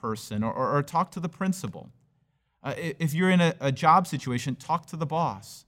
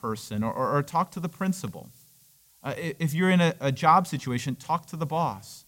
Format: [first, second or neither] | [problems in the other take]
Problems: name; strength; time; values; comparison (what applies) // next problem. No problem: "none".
first | hiss; faint; throughout; 30 dB below the speech